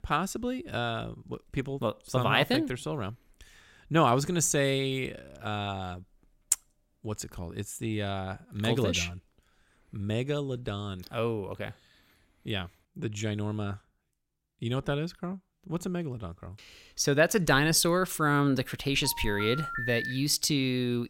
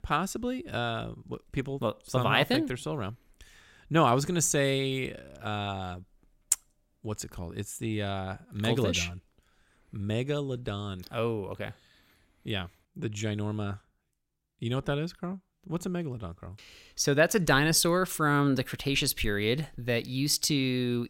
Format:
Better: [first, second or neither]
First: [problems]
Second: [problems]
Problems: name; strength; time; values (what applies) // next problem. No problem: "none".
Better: second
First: phone ringing; noticeable; from 19 to 20 s; peak 3 dB below the speech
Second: none